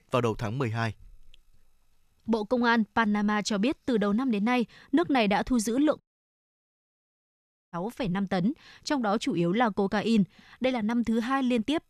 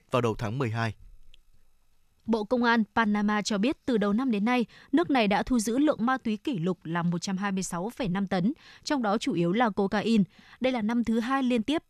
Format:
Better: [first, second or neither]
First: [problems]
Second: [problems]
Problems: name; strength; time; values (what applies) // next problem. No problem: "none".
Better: second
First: audio cutting out; at 6 s for 1.5 s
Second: none